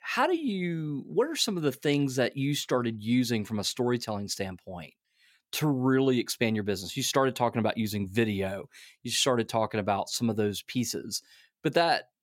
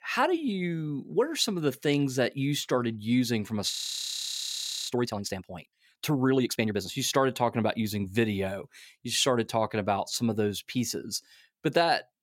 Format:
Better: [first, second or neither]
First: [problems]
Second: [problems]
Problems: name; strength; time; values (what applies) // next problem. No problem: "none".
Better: first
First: none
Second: audio freezing; at 3.5 s for 1 s